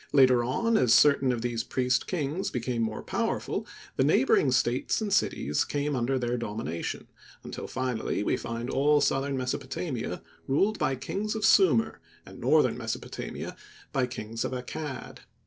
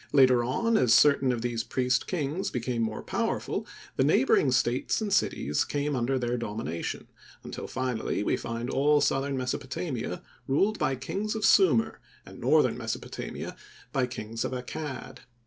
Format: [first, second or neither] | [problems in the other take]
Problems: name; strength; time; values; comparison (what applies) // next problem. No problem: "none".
second | noise reduction (neural separator model SepFormer DNS4)